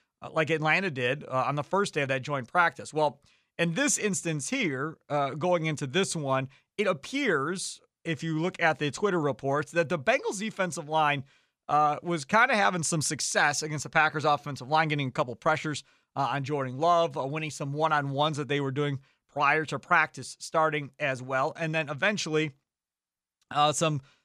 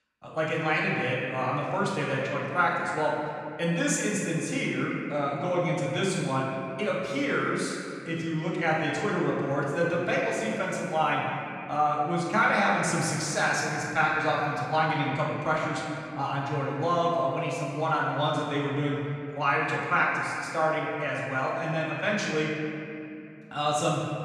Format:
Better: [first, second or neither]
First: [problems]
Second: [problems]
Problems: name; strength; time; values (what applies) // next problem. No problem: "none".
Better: first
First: none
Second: room echo; noticeable; dies away in 2.5 s // off-mic speech; far